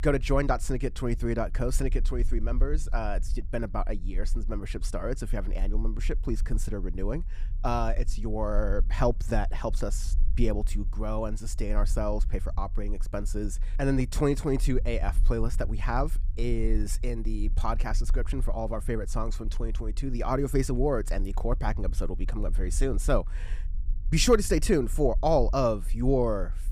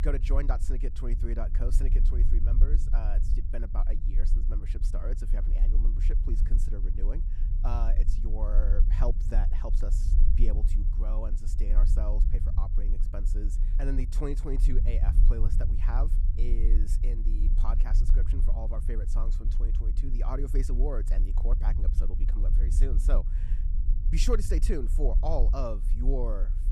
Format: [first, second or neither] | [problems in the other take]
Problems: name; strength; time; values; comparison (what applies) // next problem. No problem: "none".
first | low rumble; loud; throughout; 9 dB below the speech; faint in the first